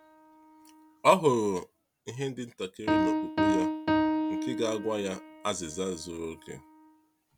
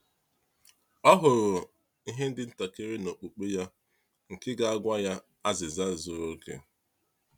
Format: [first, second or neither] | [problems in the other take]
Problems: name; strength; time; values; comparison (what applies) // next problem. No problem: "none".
second | background sound (Piano); 1 dB below the speech